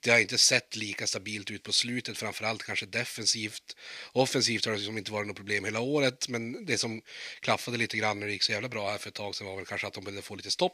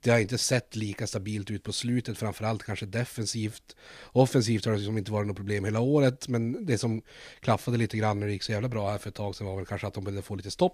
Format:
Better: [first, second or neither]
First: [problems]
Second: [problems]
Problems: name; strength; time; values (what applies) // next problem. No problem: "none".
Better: second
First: thin; very slightly; fading below 750 Hz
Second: none